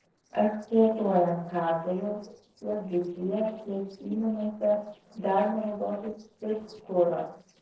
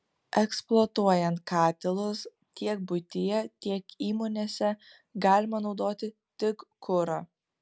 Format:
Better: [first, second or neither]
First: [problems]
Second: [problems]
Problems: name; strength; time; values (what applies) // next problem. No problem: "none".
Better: second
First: noise reduction (neural separator model SepFormer DNS4)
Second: none